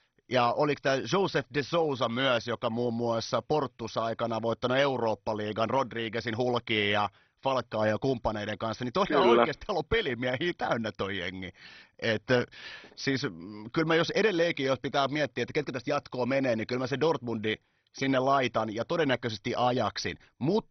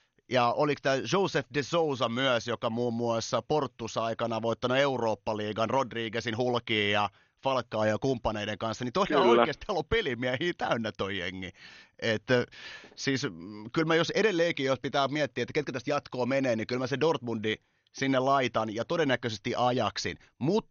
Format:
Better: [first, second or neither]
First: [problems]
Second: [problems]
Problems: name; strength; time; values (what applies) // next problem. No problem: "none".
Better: second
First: garbled, watery; badly; nothing above 6 kHz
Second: garbled, watery; slightly; nothing above 6.5 kHz